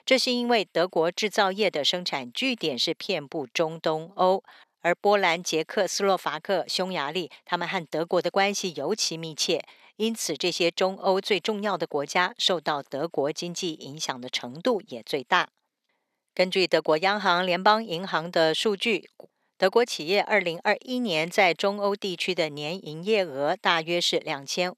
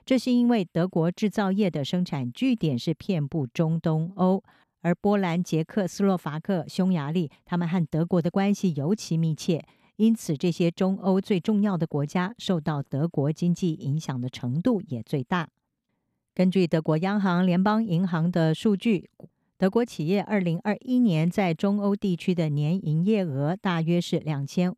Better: second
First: thin; very; fading below 550 Hz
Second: none

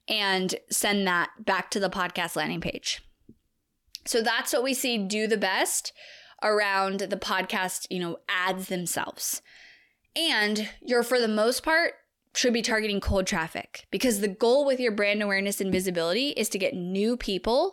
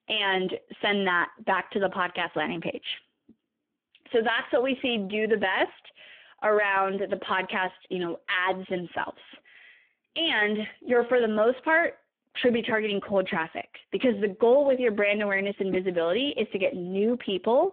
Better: first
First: none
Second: phone-call audio; poor line; nothing above 3.5 kHz

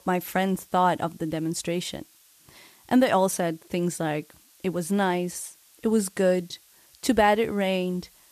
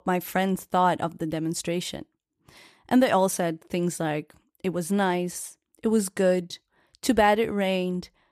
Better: second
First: hiss; faint; throughout; 30 dB below the speech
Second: none

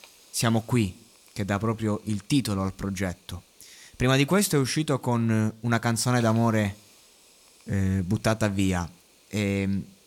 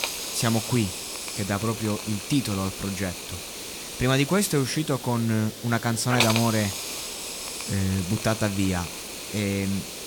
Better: first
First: hiss; faint; throughout; 30 dB below the speech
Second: hiss; loud; throughout; 5 dB below the speech

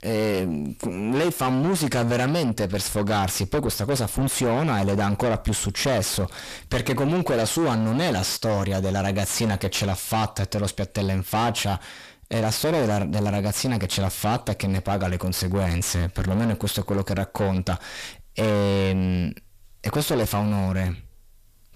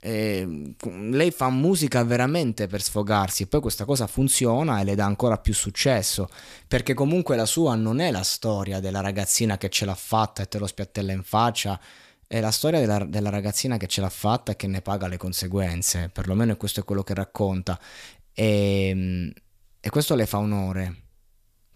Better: second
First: distortion; heavy; 5 dB below the speech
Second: none

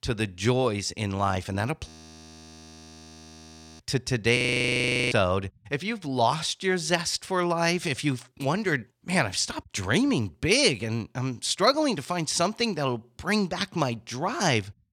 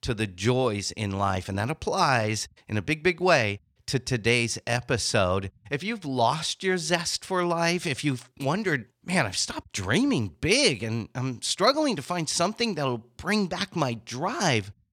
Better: second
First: audio freezing; at 2 s for 2 s and at 4.5 s for 0.5 s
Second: none

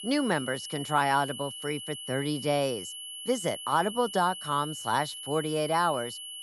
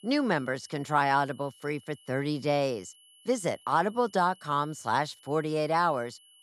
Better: second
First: high-pitched whine; loud; throughout; 3 kHz, 9 dB below the speech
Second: high-pitched whine; faint; throughout; 3 kHz, 25 dB below the speech

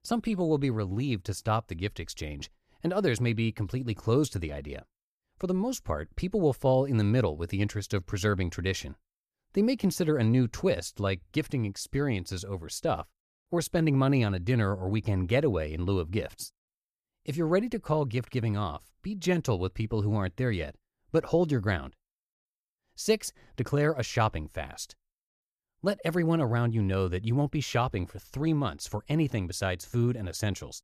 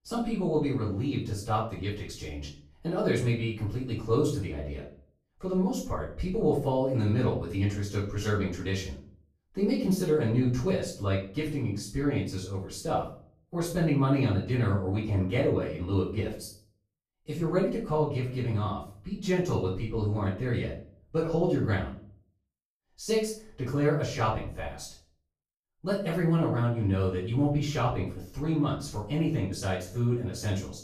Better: first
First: none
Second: off-mic speech; far // room echo; noticeable; dies away in 0.4 s

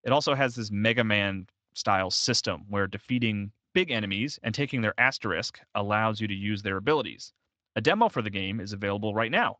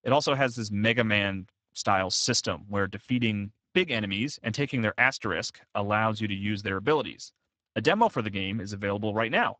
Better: first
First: garbled, watery; slightly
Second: garbled, watery; badly; nothing above 7.5 kHz

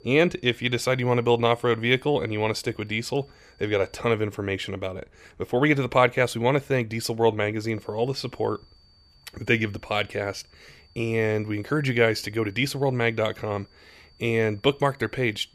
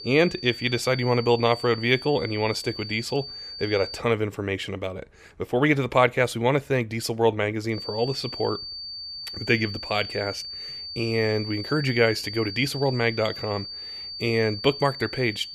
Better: first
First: high-pitched whine; faint; until 4 s and from 8 s on; 4.5 kHz, 35 dB below the speech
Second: high-pitched whine; loud; until 4 s and from 8 s on; 4.5 kHz, 10 dB below the speech

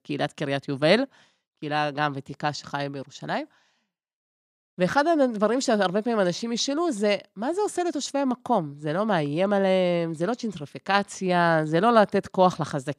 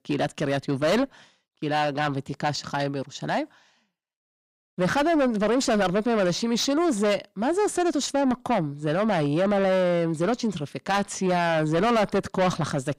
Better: first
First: none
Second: distortion; heavy; 7 dB below the speech

